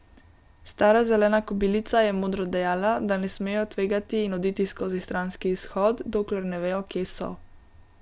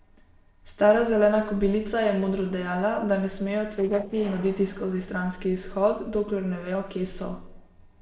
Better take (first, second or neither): first